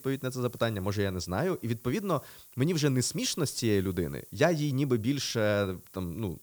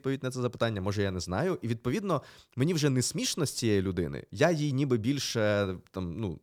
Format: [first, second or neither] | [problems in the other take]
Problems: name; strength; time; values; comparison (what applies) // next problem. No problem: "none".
second | hiss; noticeable; throughout; 20 dB below the speech